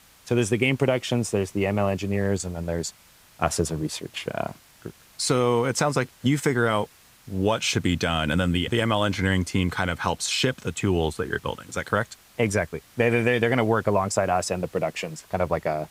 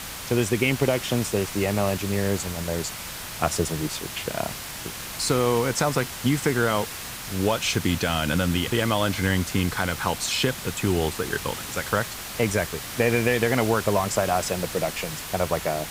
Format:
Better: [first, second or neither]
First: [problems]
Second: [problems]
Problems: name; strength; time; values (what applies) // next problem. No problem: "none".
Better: first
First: hiss; faint; throughout; 25 dB below the speech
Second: hiss; loud; throughout; 8 dB below the speech